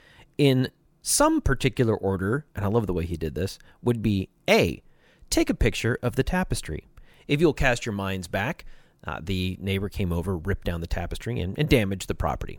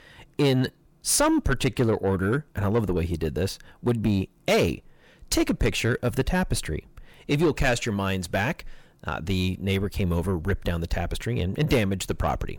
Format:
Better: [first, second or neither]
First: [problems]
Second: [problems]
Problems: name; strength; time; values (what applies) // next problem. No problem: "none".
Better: first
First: none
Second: distortion; slight; 10 dB below the speech